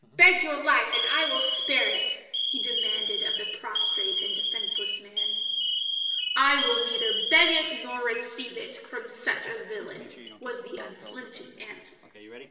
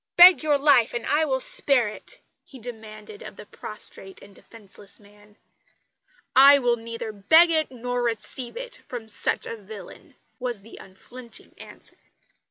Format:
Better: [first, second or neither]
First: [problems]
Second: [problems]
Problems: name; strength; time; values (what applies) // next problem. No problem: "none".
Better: second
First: background sound (Alarm); 1 dB below the speech // room echo; dies away in 1 s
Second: none